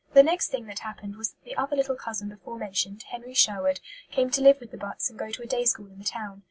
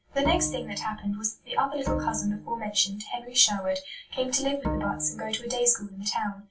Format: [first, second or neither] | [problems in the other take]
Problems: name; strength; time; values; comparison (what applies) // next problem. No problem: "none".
first | background sound (Bowed string instrument); 7 dB below the speech // room echo; dies away in 0.2 s